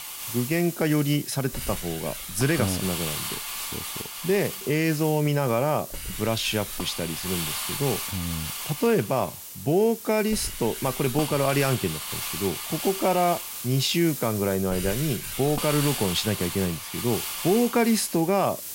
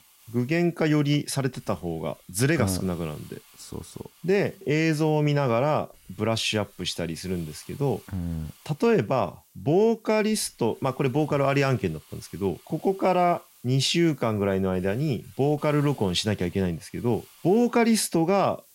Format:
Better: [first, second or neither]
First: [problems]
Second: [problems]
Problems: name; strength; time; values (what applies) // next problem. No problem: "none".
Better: second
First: hiss; loud; throughout; 6 dB below the speech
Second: hiss; faint; throughout; 25 dB below the speech